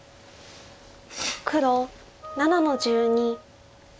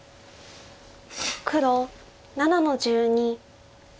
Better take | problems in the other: second | background sound (Wind instrument, woodwind instrument); 15 dB below the speech

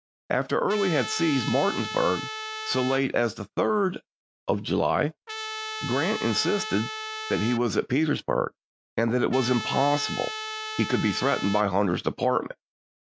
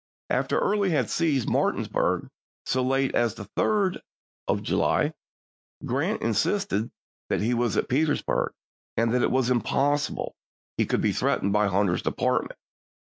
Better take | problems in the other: second | background sound (Trumpet); 8 dB below the speech

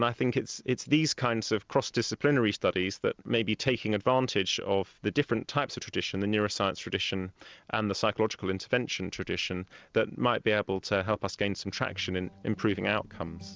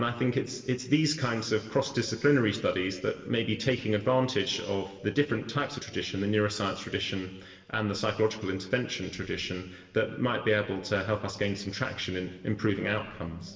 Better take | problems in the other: first | room echo; dies away in 1.2 s

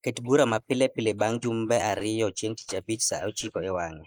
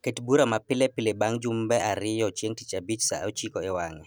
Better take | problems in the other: second | noise reduction (neural mask model Resemble Enhance denoiser)

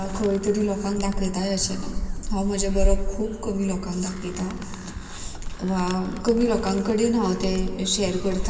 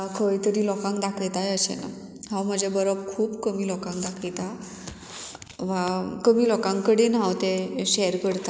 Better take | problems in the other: second | background sound (Animal); 4 dB below the speech // room echo; dies away in 2.2 s

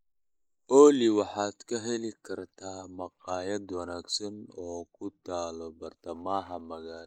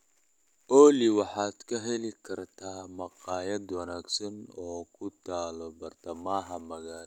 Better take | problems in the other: second | noise reduction (neural mask model Resemble Enhance denoiser)

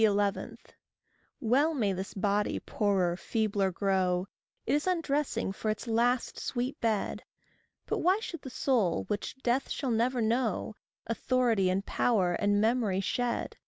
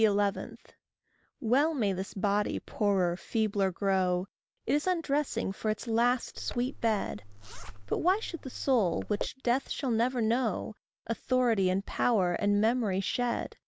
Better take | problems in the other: first | background sound (Zipper (clothing)); 11 dB below the speech

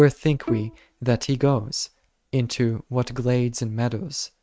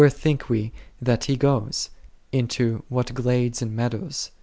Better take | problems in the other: second | noise reduction (neural mask model RNNoise)

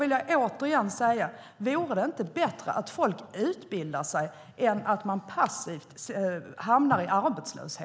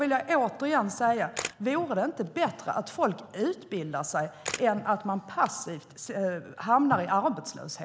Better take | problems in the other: first | background sound (Camera); 13 dB below the speech

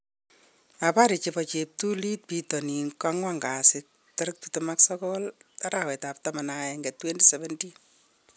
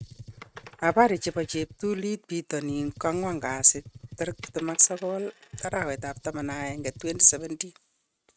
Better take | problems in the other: first | noise reduction (neural mask model RNNoise)

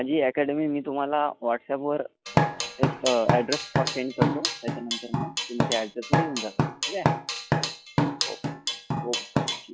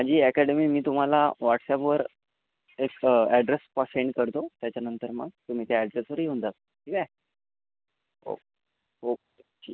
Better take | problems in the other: second | noise reduction (classical method log-MMSE)

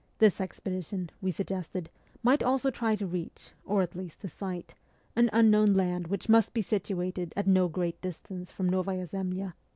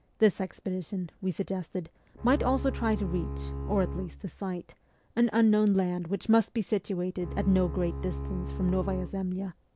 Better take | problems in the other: first | background sound (Bowed string instrument); 6 dB below the speech

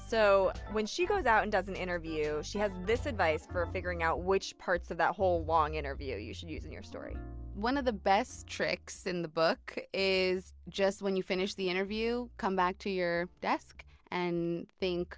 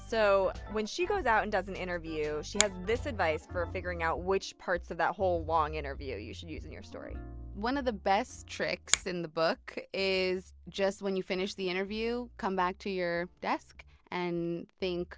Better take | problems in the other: first | background sound (Finger snapping); 5 dB below the speech

